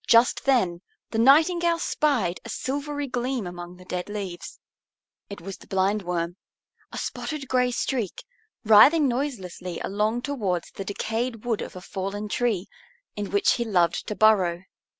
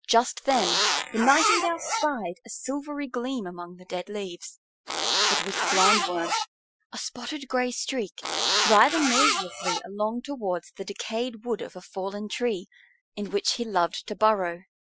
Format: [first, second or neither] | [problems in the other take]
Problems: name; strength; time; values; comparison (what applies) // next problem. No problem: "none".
first | noise reduction (classical method Wiener filter)